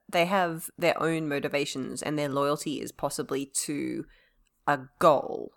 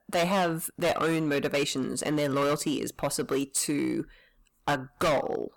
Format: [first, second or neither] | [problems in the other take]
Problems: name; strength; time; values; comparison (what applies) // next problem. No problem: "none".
first | distortion; heavy; 11% of the sound clipped